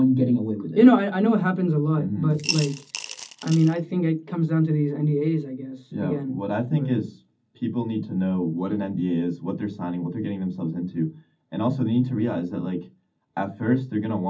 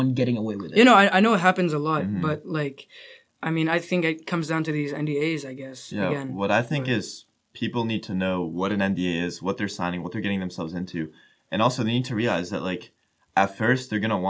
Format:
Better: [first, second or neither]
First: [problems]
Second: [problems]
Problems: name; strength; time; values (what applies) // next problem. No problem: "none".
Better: second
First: background sound (Coin (dropping) / Glass); 10 dB below the speech // room echo; dies away in 0.4 s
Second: none